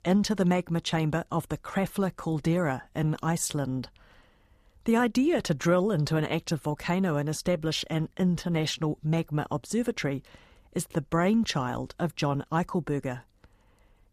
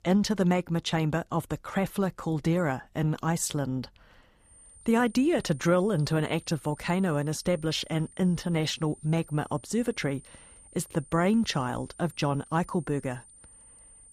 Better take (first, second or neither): first